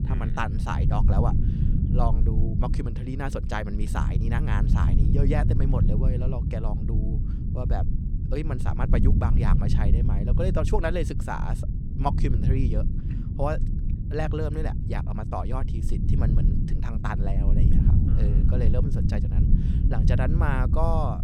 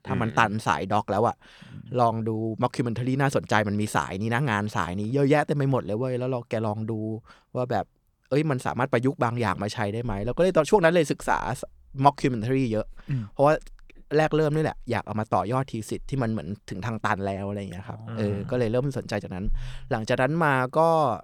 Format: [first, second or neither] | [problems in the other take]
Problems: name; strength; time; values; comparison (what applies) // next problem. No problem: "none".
second | low rumble; loud; throughout; 5 dB below the speech